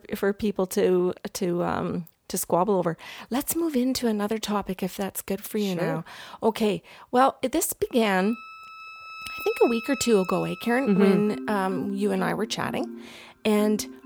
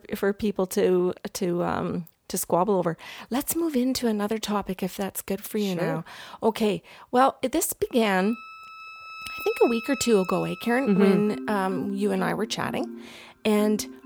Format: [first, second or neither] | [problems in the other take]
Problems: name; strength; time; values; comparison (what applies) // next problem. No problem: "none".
neither | background music; noticeable; from 8 s on; 10 dB below the speech; the same in both